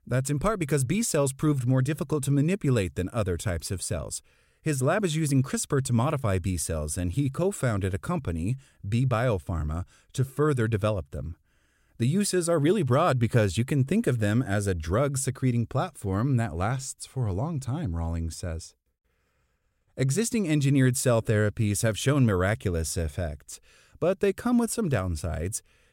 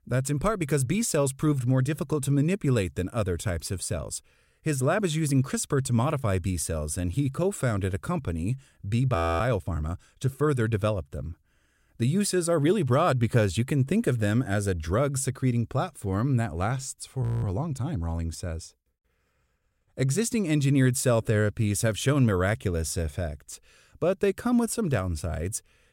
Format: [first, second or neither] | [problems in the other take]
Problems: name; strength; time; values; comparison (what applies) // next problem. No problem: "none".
first | audio freezing; at 9 s and at 17 s